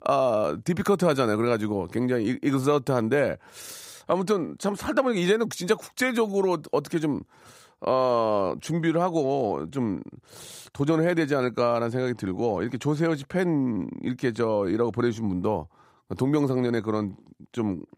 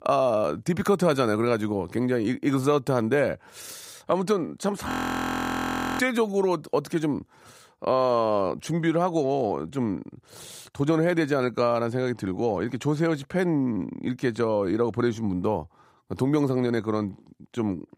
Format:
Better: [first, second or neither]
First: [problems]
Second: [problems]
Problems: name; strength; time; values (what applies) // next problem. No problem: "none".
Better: first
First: none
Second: audio freezing; at 5 s for 1 s